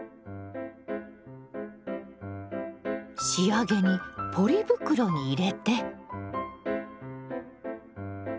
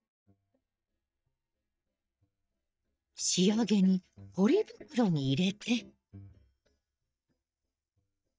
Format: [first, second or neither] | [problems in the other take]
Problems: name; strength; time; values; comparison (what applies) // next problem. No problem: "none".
first | noise reduction (neural mask model DeepFilterNet 3)